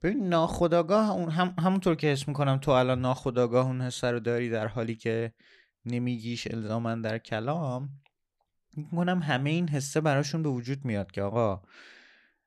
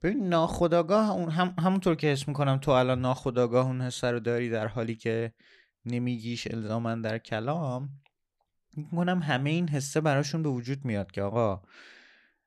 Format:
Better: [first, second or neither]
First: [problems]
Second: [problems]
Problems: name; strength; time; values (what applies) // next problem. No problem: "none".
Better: neither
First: none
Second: none